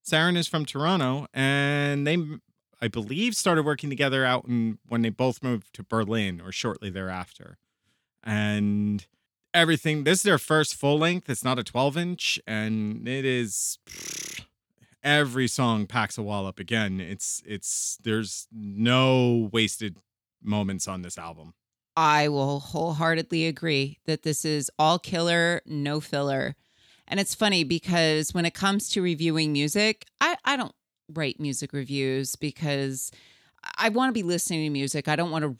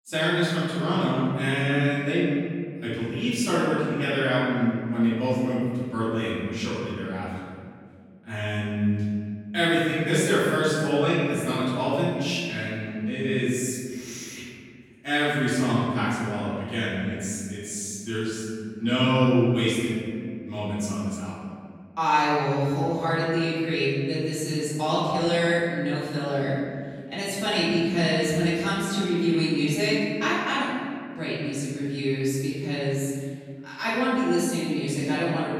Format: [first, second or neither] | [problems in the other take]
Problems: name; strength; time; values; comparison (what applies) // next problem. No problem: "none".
first | off-mic speech; far // room echo; strong; dies away in 2 s